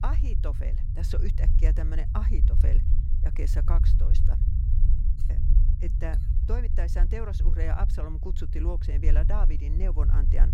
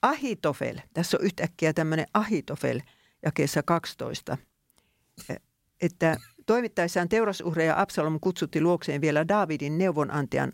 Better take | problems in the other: second | low rumble; loud; throughout; 5 dB below the speech

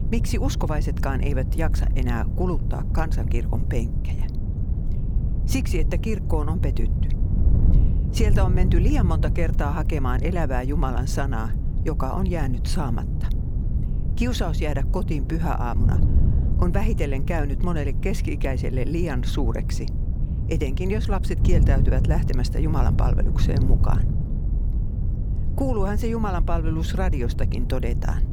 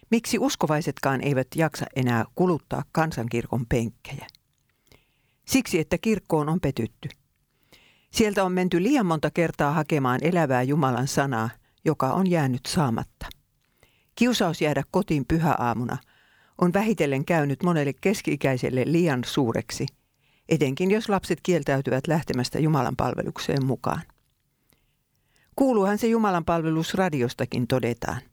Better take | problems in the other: second | wind noise on the microphone; heavy; 8 dB below the speech

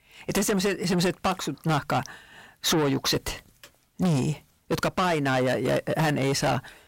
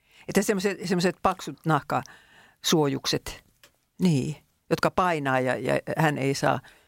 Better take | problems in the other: second | distortion; heavy; 6 dB below the speech

